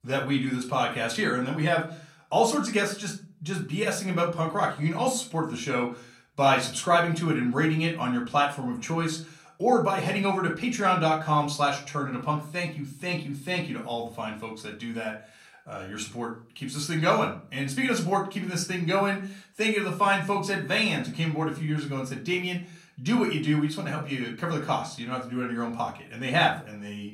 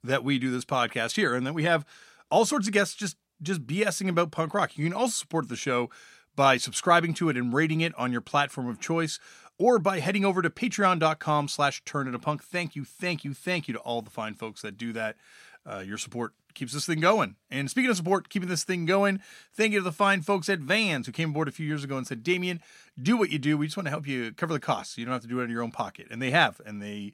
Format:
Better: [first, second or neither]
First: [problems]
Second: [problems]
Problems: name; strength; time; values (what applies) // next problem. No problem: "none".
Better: second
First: off-mic speech; far // room echo; very slight; dies away in 0.3 s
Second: none